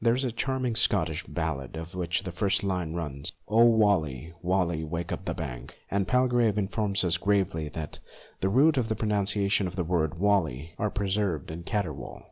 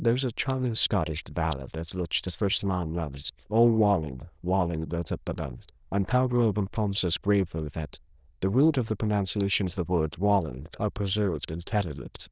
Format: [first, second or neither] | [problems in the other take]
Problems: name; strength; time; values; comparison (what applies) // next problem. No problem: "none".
first | noise reduction (neural diffusion model UNIVERSE++)